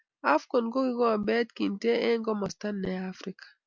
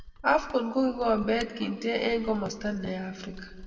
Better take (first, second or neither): first